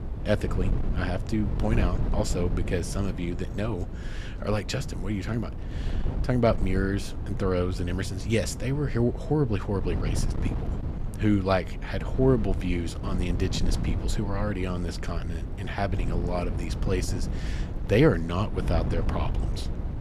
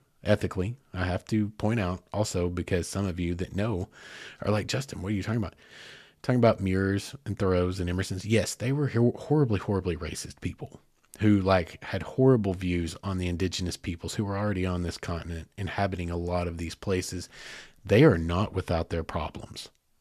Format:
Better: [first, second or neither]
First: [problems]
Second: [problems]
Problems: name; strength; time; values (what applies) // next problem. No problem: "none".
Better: second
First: wind noise on the microphone; occasional gusts; 10 dB below the speech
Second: none